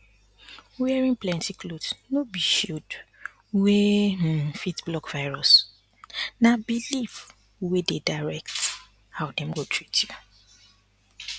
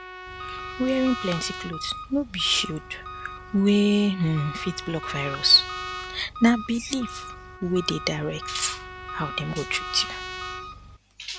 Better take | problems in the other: first | background sound (Engine + Trumpet); 10 dB below the speech

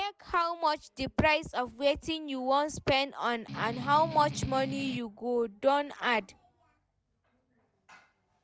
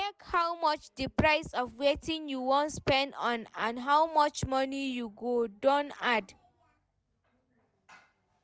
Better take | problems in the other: second | background sound (Strum); 8 dB below the speech

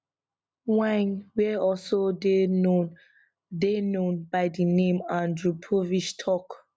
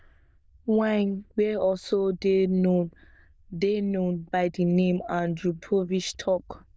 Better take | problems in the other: first | noise reduction (neural diffusion model UNIVERSE++)

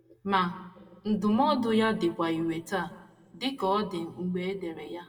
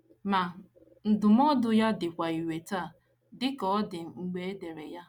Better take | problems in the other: second | room echo; dies away in 0.9 s

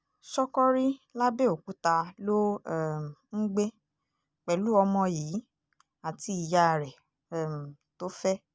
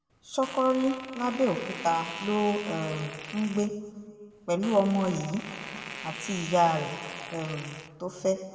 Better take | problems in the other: first | background sound (Fart); 12 dB below the speech // room echo; dies away in 1.6 s

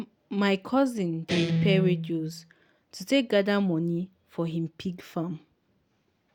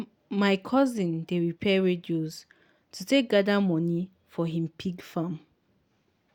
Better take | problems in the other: second | background sound (Guitar); 3 dB below the speech

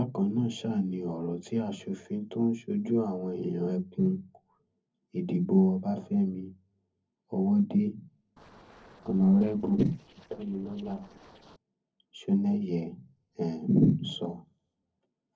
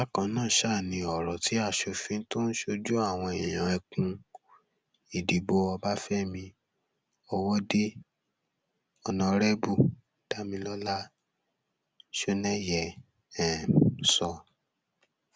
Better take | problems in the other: second | noise reduction (neural separator model SepFormer DNS4)

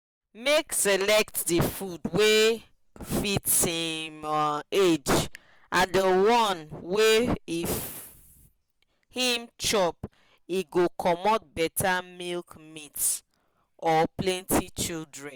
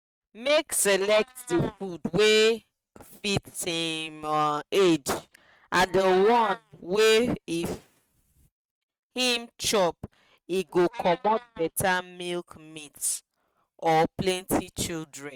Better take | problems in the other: first | noise reduction (neural mask model RNNoise)

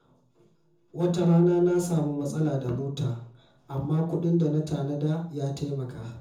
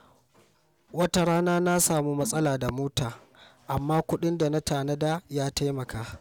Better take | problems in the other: second | room echo; dies away in 0.5 s

